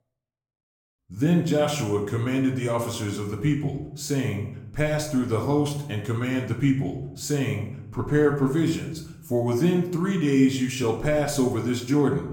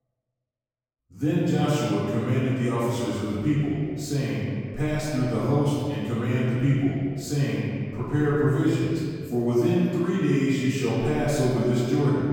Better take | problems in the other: first | room echo; strong; dies away in 1.9 s; slight in the first // off-mic speech; far; somewhat distant in the first

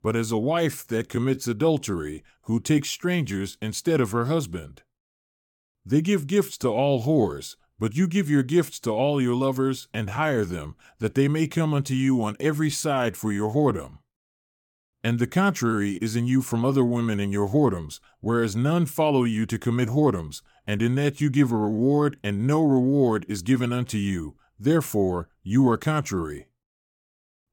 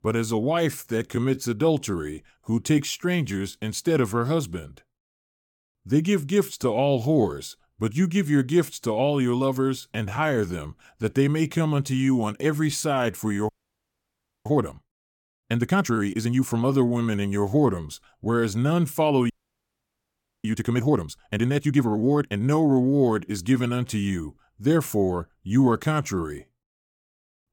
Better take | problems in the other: first | audio freezing; at 13 s for 1 s and at 19 s for 1 s

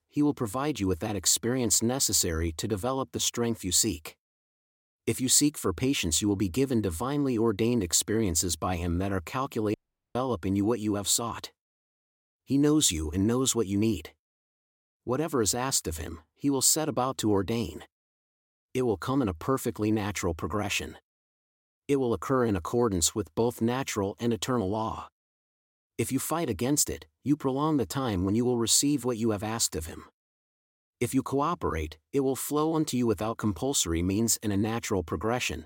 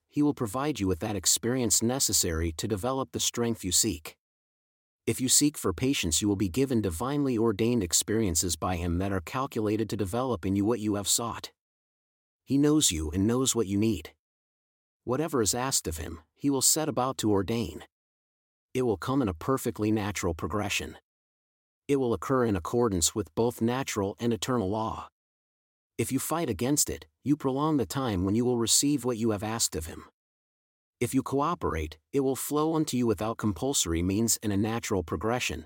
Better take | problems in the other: second | audio cutting out; at 9.5 s

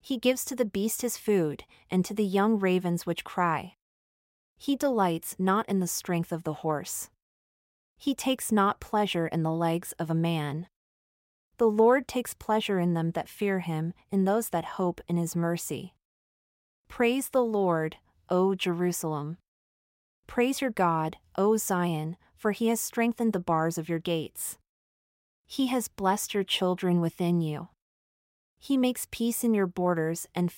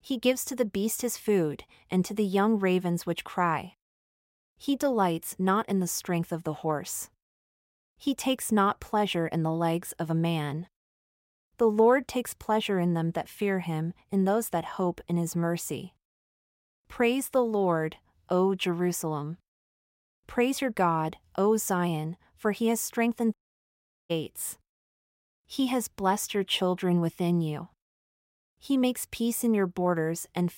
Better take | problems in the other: first | audio cutting out; at 23 s for 1 s

